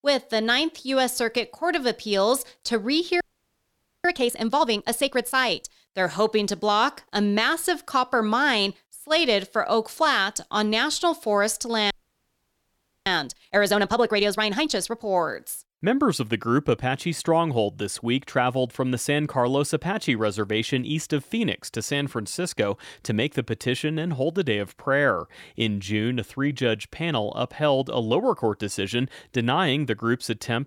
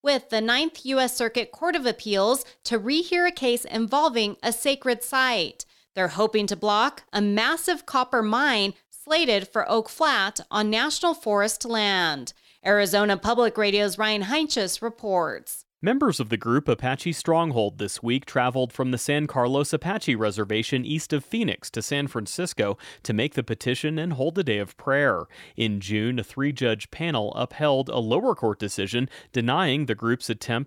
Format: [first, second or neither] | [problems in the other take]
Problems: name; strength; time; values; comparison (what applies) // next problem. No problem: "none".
second | audio freezing; at 3 s for 1 s and at 12 s for 1 s